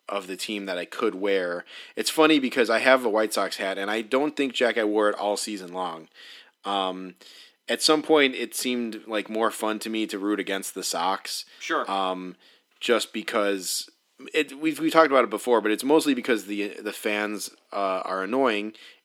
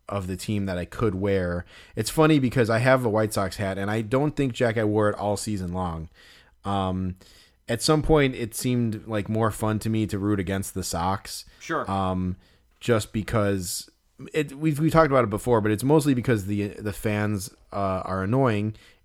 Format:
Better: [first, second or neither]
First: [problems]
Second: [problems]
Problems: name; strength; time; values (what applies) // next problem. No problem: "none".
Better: second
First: thin; somewhat; fading below 250 Hz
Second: none